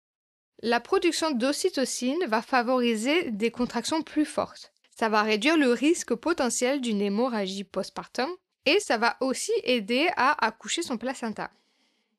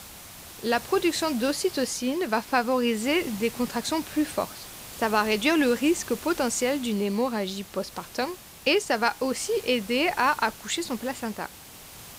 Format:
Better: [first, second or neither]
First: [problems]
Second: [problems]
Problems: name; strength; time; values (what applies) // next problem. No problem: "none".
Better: first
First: none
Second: hiss; noticeable; throughout; 15 dB below the speech